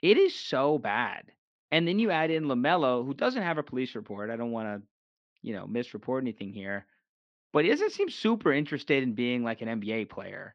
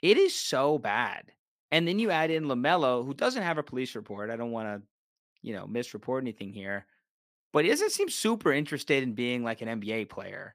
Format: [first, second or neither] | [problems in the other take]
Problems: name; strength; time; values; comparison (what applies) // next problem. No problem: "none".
second | muffled; very slightly; fading above 4 kHz